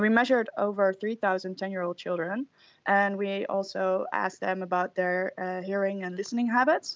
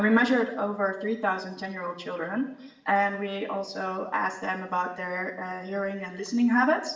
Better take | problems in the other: first | room echo; dies away in 0.8 s

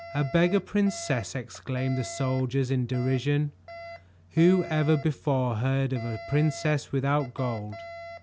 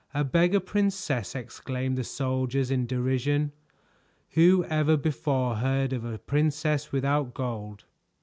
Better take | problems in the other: second | background sound (Alarm); 16 dB below the speech

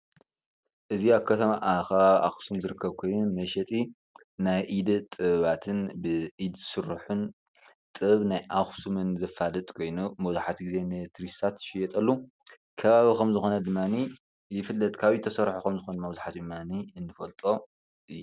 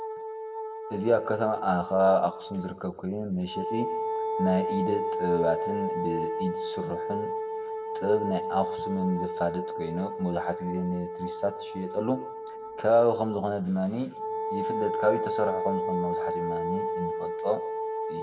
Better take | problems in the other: first | background sound (Wind instrument, woodwind instrument); 3 dB below the speech // room echo; dies away in 1 s

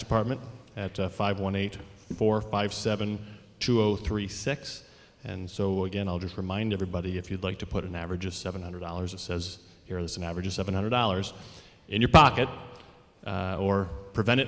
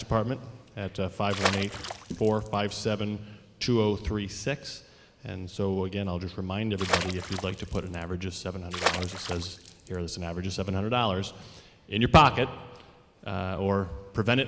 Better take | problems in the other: first | background sound (Water / Splash, splatter); 5 dB below the speech

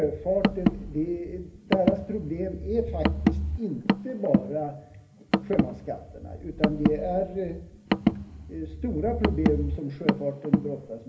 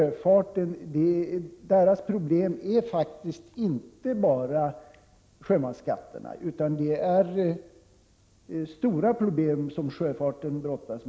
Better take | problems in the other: second | background sound (Car); 2 dB above the speech // room echo; dies away in 0.3 s

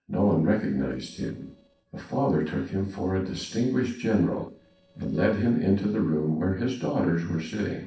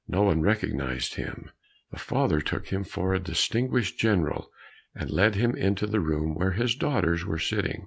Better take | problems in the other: second | noise reduction (neural separator model SepFormer DNS4)

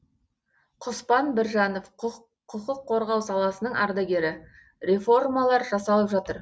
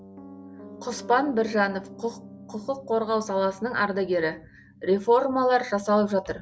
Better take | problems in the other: first | background sound (Piano); 20 dB below the speech

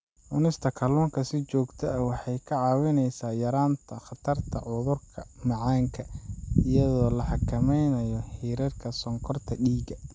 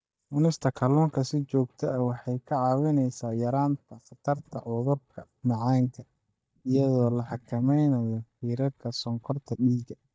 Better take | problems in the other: first | noise reduction (neural mask model DeepFilterNet 3)

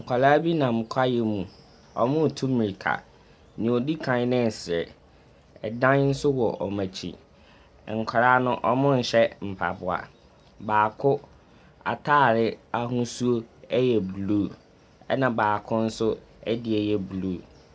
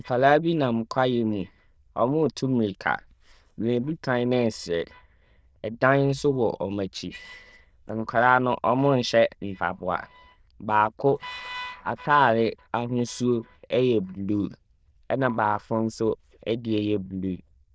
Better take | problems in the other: first | noise reduction (neural diffusion model UNIVERSE++)

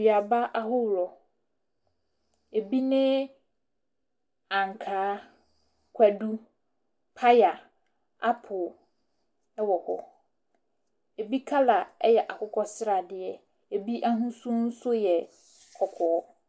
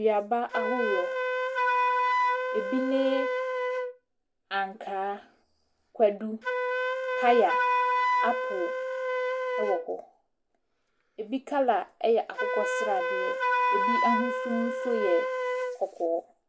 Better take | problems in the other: first | background sound (Wind instrument, woodwind instrument); 1 dB above the speech

